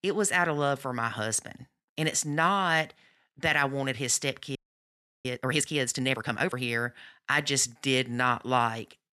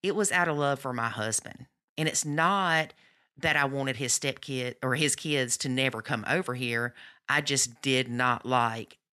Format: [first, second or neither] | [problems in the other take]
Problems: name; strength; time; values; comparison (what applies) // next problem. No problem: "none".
second | audio freezing; at 4.5 s for 0.5 s